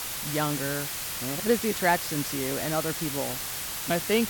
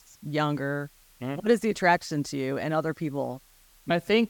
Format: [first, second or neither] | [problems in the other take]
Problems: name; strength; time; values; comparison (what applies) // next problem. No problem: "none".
second | hiss; loud; throughout; 2 dB below the speech; faint in the second